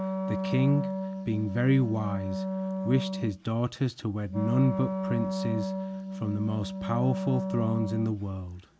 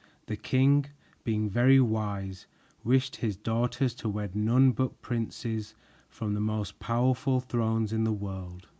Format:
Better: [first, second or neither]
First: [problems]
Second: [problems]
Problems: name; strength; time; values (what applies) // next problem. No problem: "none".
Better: second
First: background sound (Wind instrument, woodwind instrument); 4 dB below the speech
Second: none